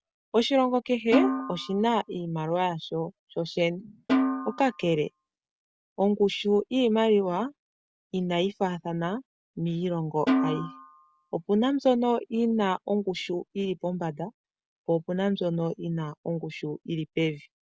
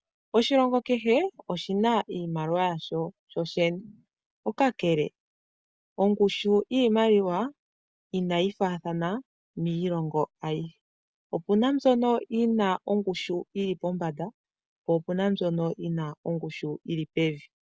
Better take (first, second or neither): second